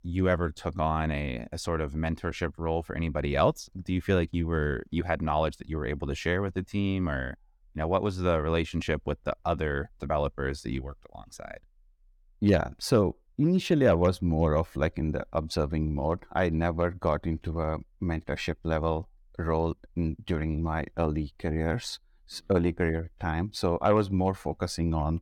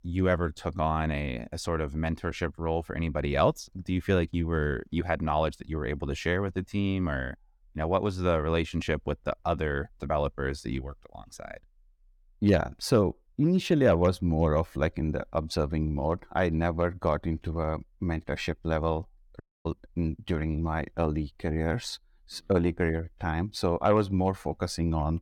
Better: first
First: none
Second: audio cutting out; at 19 s

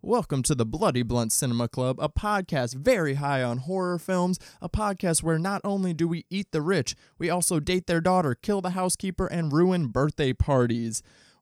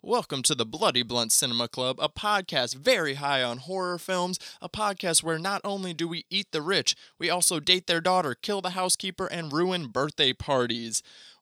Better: first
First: none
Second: thin; somewhat; fading below 550 Hz

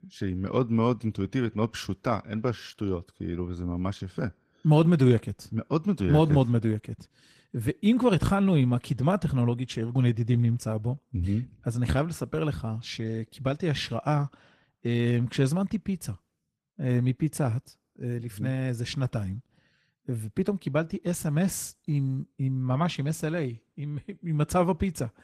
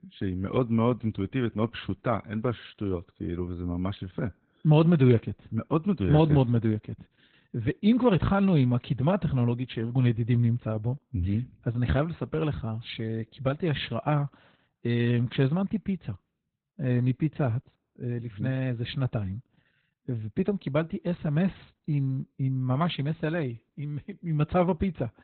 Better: first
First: garbled, watery; slightly; nothing above 14.5 kHz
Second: garbled, watery; badly; nothing above 4 kHz

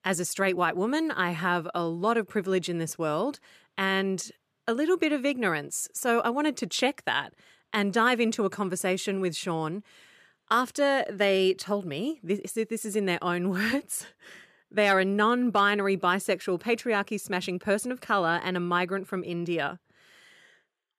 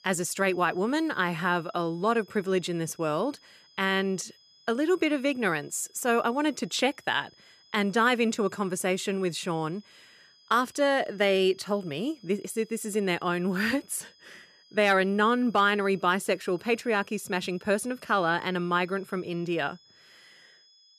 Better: first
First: none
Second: high-pitched whine; faint; throughout; 5 kHz, 30 dB below the speech

